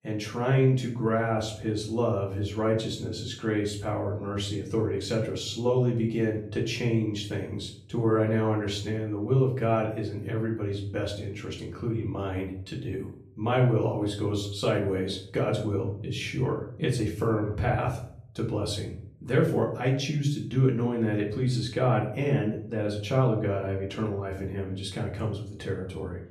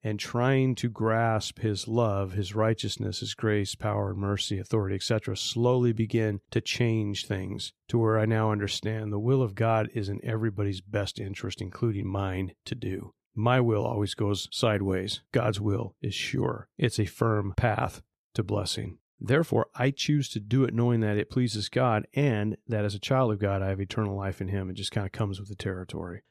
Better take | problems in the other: second | off-mic speech; far // room echo; slight; dies away in 0.5 s

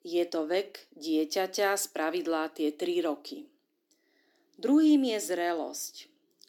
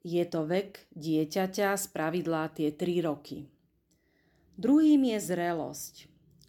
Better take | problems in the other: second | thin; very slightly; fading below 250 Hz

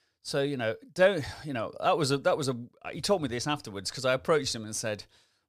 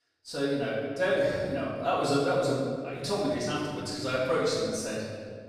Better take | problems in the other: first | off-mic speech; far // room echo; strong; dies away in 1.7 s

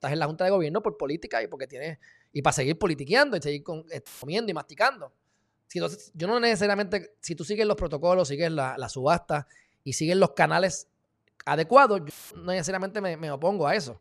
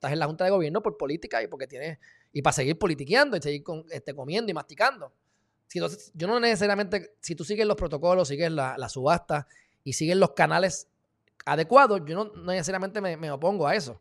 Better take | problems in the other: second | audio cutting out; filled with static; at 4 s and at 12 s

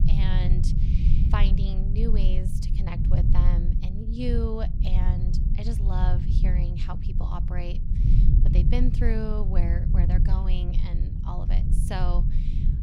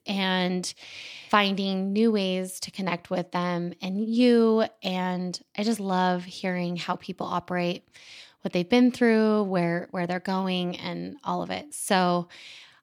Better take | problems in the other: second | low rumble; loud; throughout; 3 dB below the speech

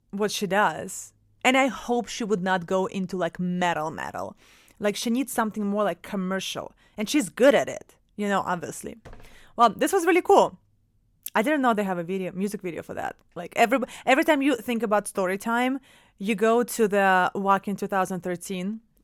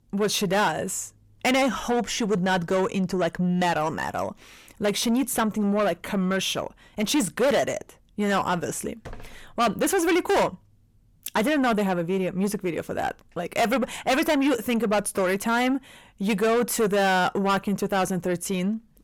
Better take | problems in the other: first | distortion; heavy; 6 dB below the speech

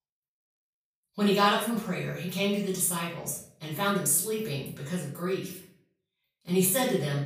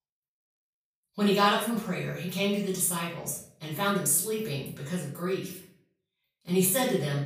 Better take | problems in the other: neither | off-mic speech; far; the same in both // room echo; noticeable; dies away in 0.5 s; the same in both

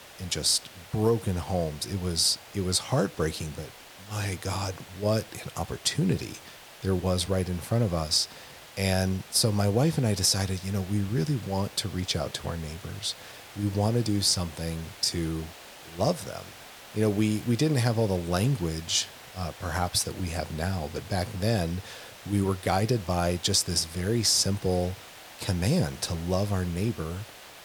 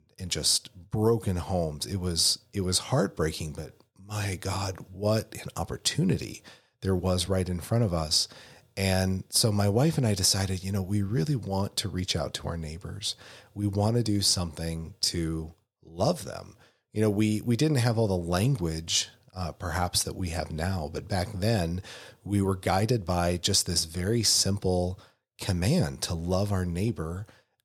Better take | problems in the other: second | hiss; noticeable; throughout; 20 dB below the speech

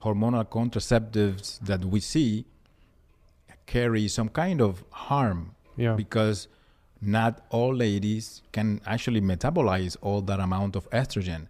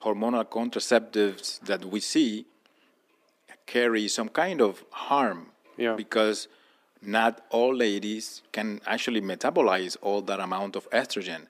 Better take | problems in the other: first | thin; somewhat; fading below 250 Hz

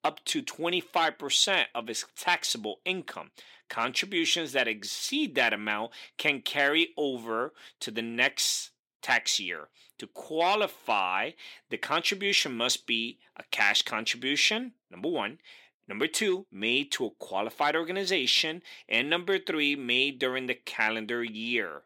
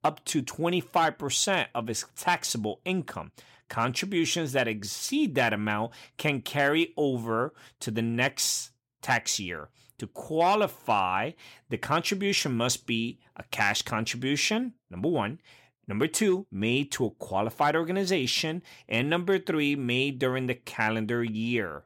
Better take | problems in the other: second | thin; very slightly; fading below 300 Hz

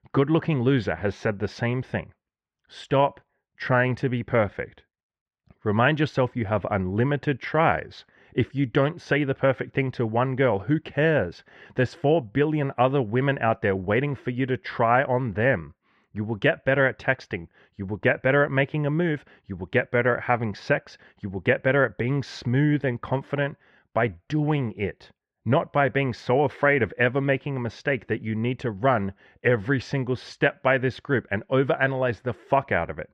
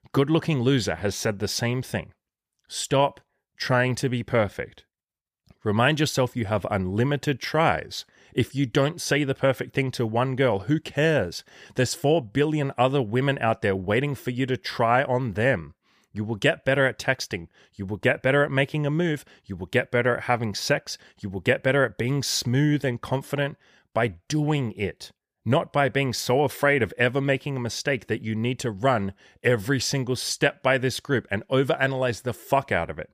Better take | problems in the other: second | muffled; very; fading above 2 kHz

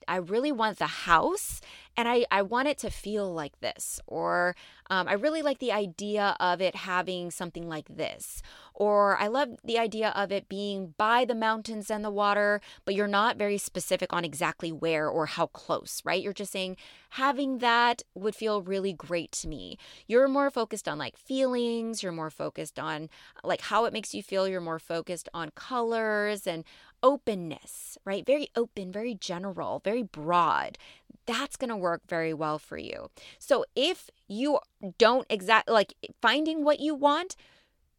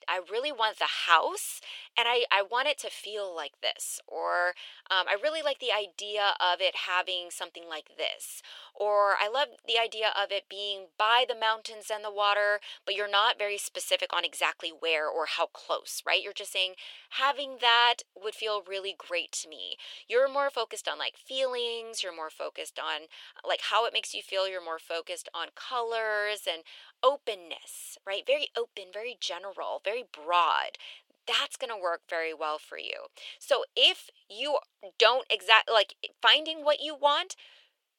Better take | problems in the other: first | thin; very; fading below 450 Hz

